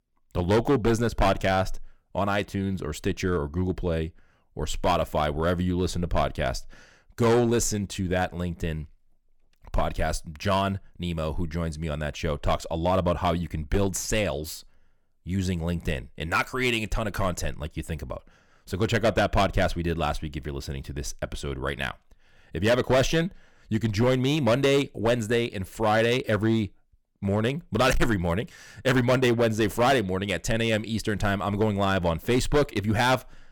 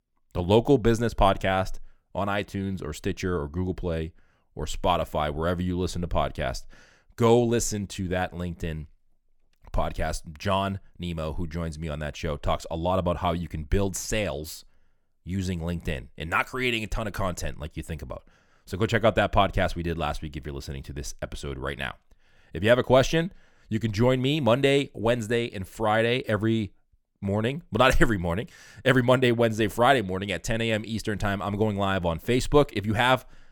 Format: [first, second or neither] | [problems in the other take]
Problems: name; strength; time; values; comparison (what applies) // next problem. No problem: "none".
second | distortion; slight; 5% of the sound clipped